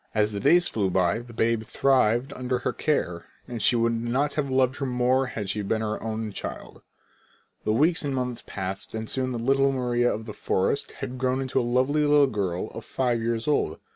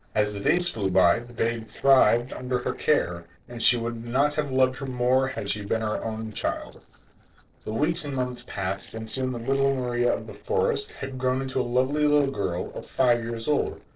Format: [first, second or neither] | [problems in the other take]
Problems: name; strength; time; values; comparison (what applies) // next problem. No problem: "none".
first | noise reduction (neural separator model SepFormer DNS4)